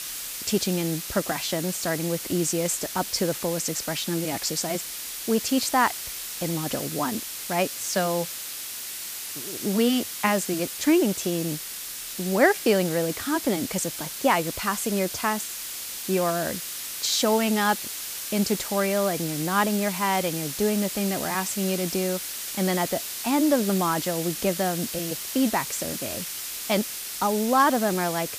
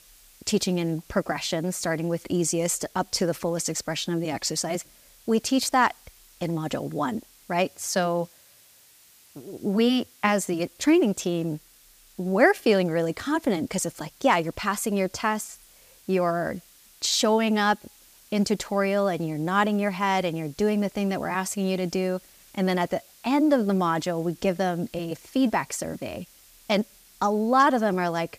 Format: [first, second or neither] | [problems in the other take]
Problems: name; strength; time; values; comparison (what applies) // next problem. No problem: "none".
second | hiss; loud; throughout; 6 dB below the speech; faint in the second